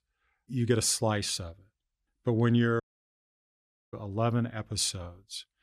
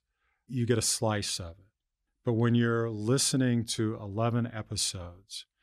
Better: second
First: audio cutting out; at 3 s for 1 s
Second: none

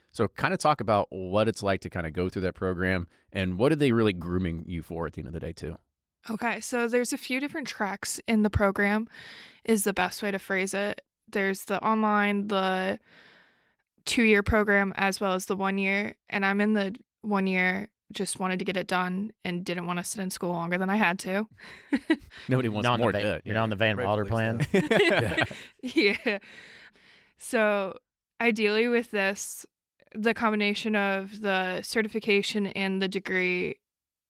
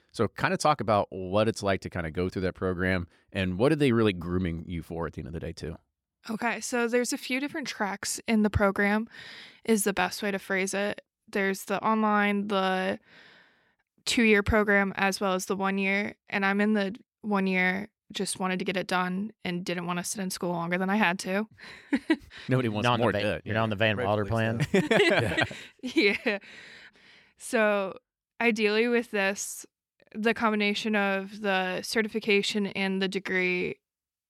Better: second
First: garbled, watery; slightly; nothing above 15.5 kHz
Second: none

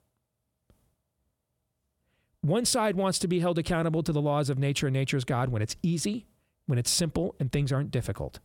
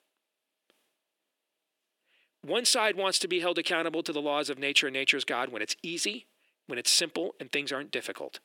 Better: first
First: none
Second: thin; somewhat; fading below 300 Hz

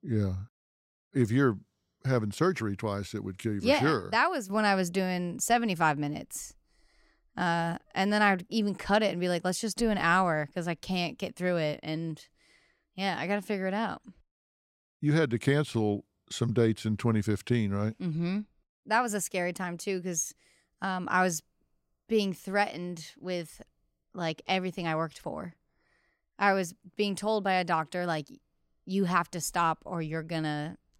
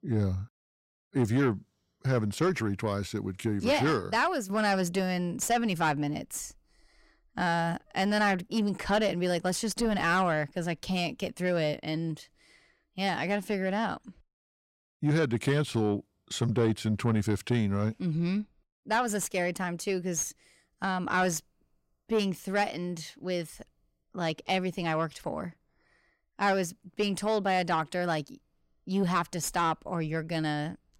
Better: first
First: none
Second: distortion; slight; 10 dB below the speech

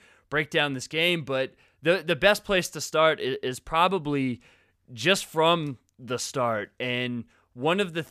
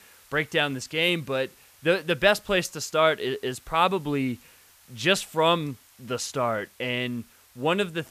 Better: first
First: none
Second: hiss; faint; throughout; 30 dB below the speech

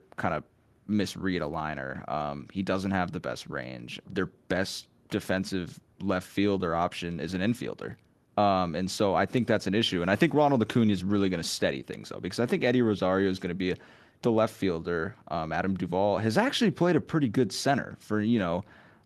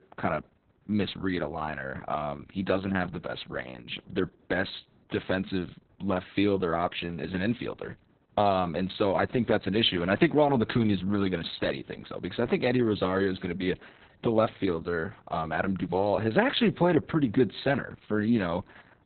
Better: first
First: garbled, watery; slightly; nothing above 13.5 kHz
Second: garbled, watery; badly; nothing above 4 kHz

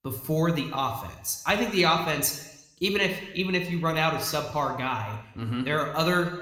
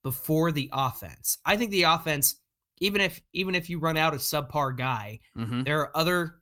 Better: second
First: room echo; slight; dies away in 1 s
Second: none

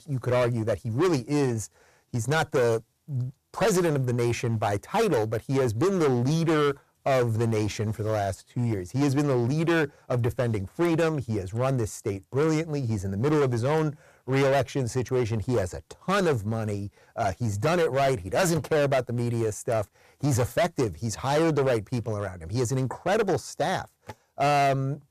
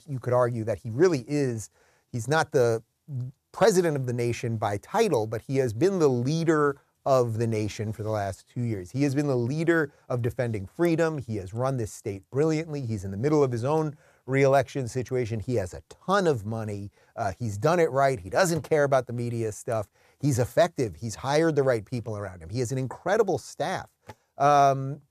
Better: second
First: distortion; heavy; 13% of the sound clipped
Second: none

